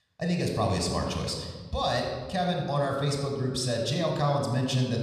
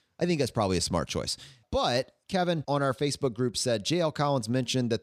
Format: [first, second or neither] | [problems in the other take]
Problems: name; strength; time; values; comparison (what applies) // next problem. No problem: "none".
second | off-mic speech; somewhat distant // room echo; noticeable; dies away in 1.2 s